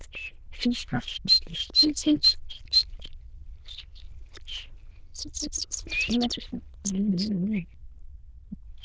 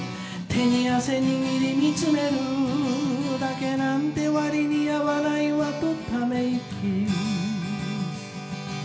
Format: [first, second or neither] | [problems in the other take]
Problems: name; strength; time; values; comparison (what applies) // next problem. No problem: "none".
second | noise reduction (neural diffusion model UNIVERSE++)